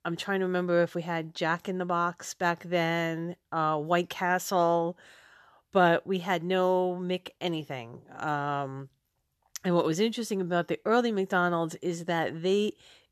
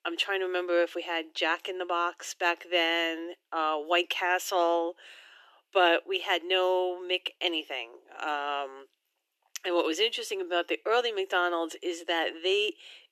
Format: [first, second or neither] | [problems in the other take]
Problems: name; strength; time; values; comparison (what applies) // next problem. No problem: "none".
first | thin; very; fading below 300 Hz